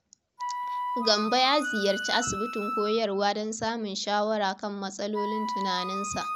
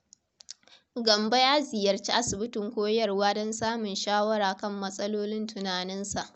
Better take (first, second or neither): second